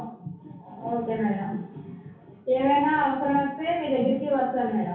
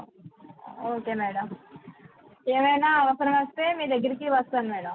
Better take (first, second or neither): second